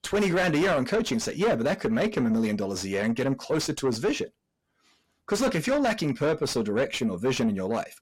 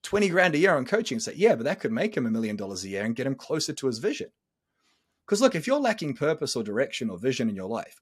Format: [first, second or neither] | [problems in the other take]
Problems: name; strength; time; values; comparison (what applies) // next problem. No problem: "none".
second | distortion; heavy; 6 dB below the speech